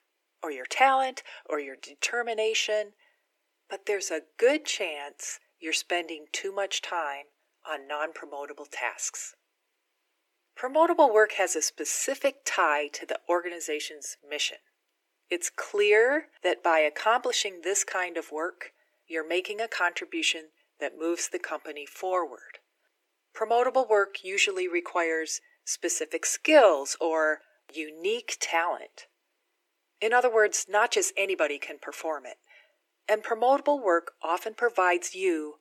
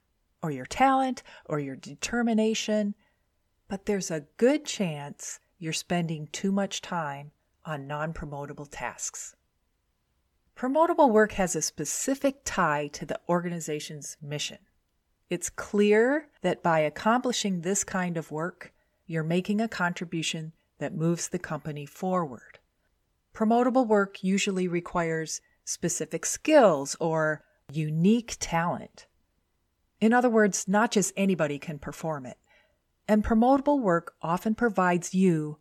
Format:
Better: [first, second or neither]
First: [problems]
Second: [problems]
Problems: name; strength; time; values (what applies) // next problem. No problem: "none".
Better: second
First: thin; very; fading below 300 Hz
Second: none